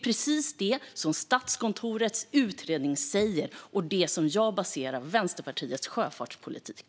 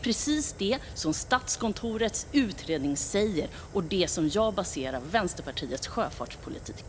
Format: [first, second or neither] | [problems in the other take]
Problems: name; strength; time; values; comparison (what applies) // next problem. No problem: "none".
first | background sound (Fire); 14 dB below the speech